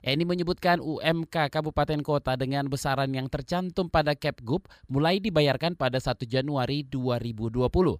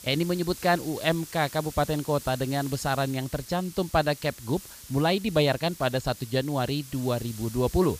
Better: first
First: none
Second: hiss; noticeable; throughout; 15 dB below the speech

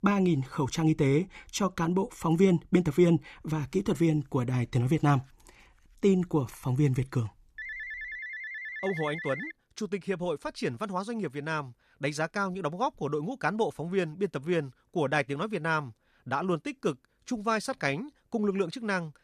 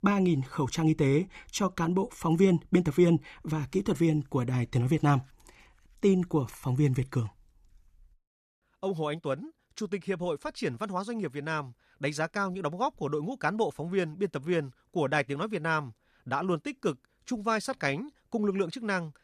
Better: second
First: phone ringing; noticeable; from 7.5 to 9.5 s; peak 7 dB below the speech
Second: none

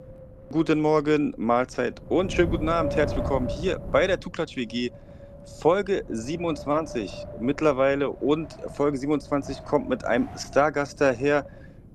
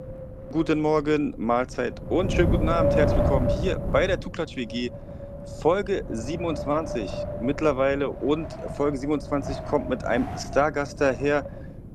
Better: first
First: wind noise on the microphone; occasional gusts; 15 dB below the speech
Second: wind noise on the microphone; heavy; 6 dB below the speech

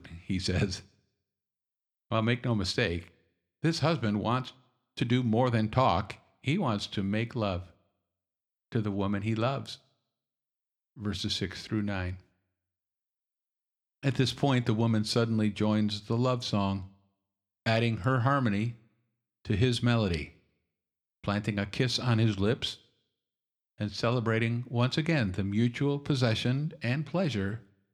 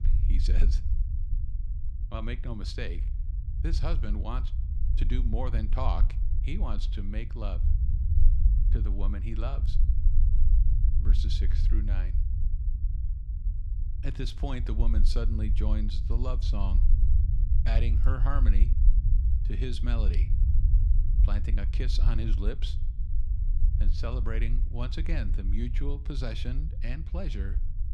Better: first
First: none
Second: low rumble; loud; throughout; 8 dB below the speech

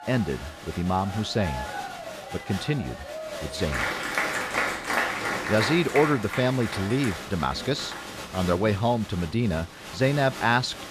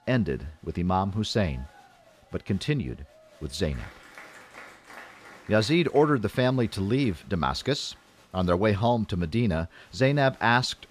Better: second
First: crowd noise; loud; throughout; 5 dB below the speech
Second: crowd noise; faint; throughout; 25 dB below the speech

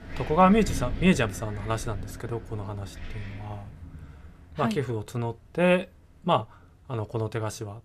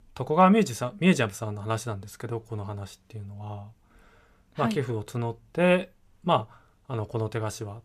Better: second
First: wind in the background; noticeable; throughout; 15 dB below the speech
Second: none

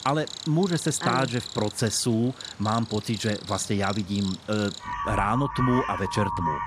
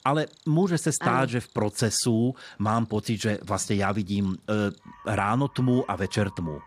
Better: second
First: animal sounds; loud; throughout; 7 dB below the speech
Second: animal sounds; faint; throughout; 25 dB below the speech

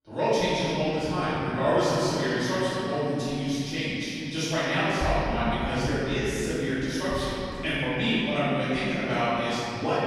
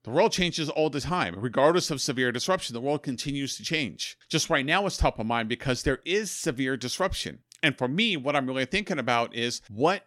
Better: second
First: room echo; strong; dies away in 3 s // off-mic speech; far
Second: none

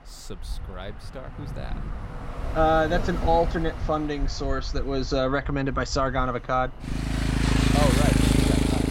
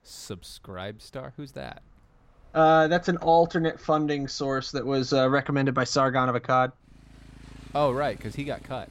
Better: second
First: traffic noise; loud; throughout; 1 dB below the speech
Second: traffic noise; faint; throughout; 25 dB below the speech

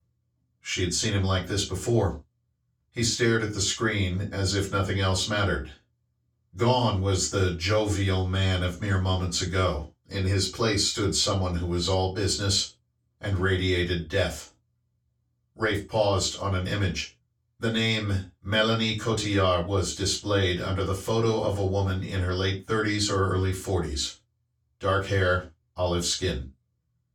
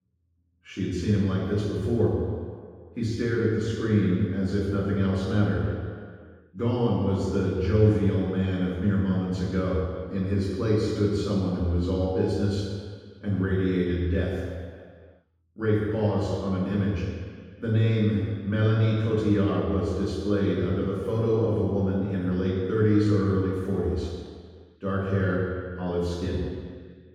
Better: first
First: room echo; slight; dies away in 0.2 s // off-mic speech; far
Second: room echo; strong; dies away in 1.8 s // off-mic speech; far

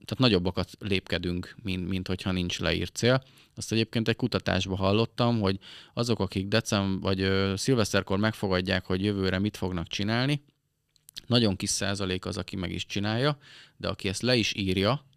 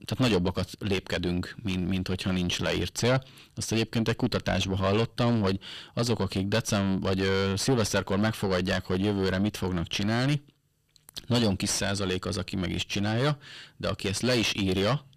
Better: first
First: none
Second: distortion; heavy; 5 dB below the speech

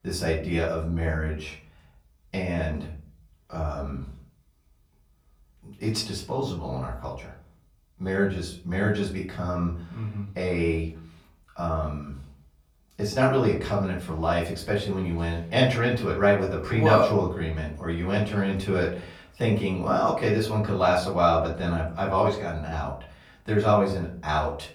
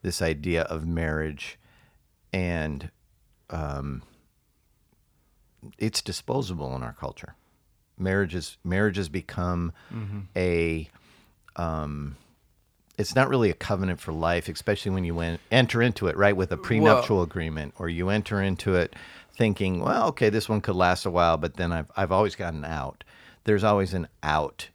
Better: second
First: off-mic speech; far // room echo; slight; dies away in 0.4 s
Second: none

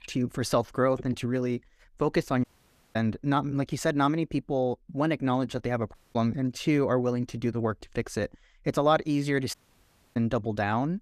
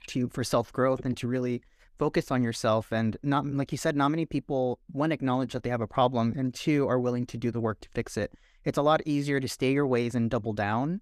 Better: second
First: audio cutting out; at 2.5 s for 0.5 s, at 6 s and at 9.5 s for 0.5 s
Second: none

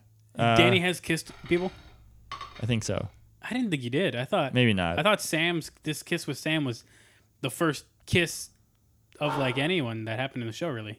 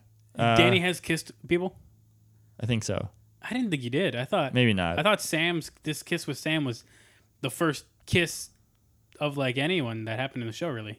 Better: second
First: clattering dishes; faint; from 1.5 to 3 s; peak 15 dB below the speech // dog barking; noticeable; at 9 s; peak 7 dB below the speech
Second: none

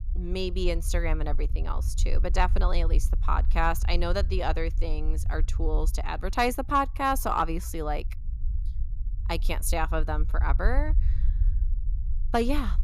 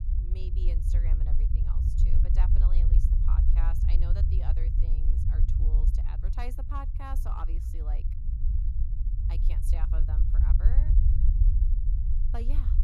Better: first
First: low rumble; faint; throughout; 20 dB below the speech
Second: low rumble; loud; throughout; 1 dB below the speech

